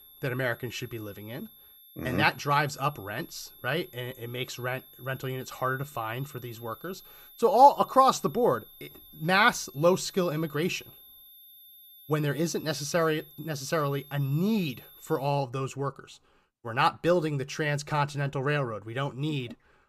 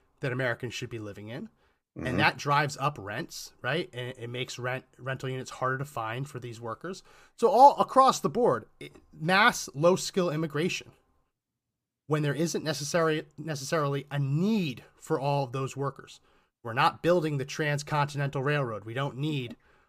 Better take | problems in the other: second | high-pitched whine; faint; until 15 s; 11.5 kHz, 20 dB below the speech

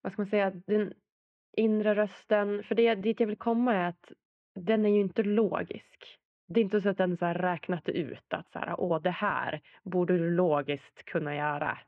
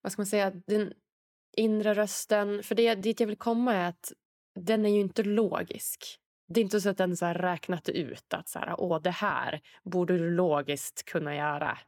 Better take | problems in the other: second | muffled; very; fading above 2.5 kHz

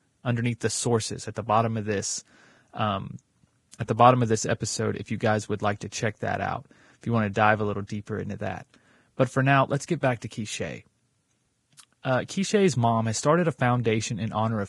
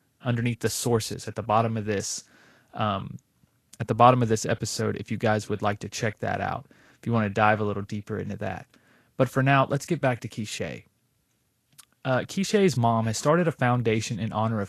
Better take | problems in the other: second | garbled, watery; badly; nothing above 10 kHz; slightly in the second

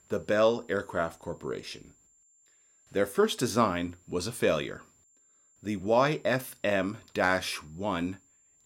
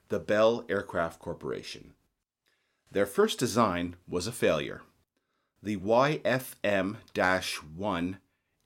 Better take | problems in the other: second | high-pitched whine; faint; throughout; 7.5 kHz, 30 dB below the speech

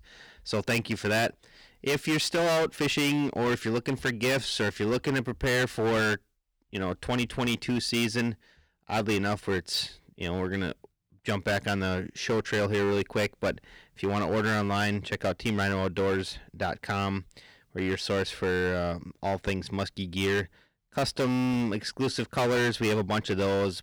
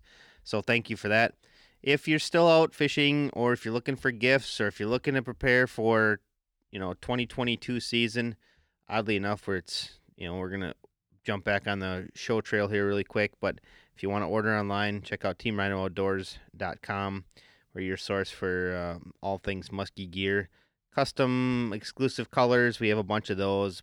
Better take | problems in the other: second | distortion; heavy; 15% of the sound clipped

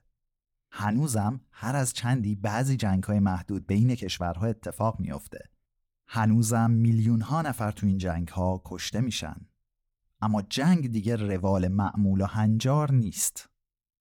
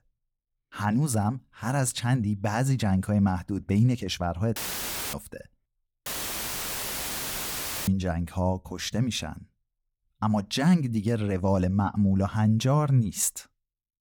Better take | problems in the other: first | audio cutting out; filled with static; at 4.5 s for 0.5 s and at 6 s for 2 s

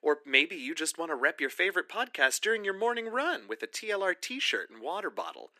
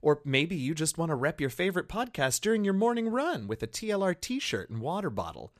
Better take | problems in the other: second | thin; very; fading below 300 Hz

